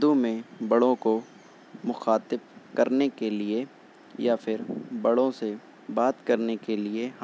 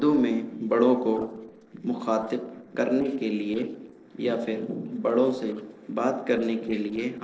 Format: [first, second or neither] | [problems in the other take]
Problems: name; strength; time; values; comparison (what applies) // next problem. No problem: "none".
first | noise reduction (neural separator model SepFormer DNS4)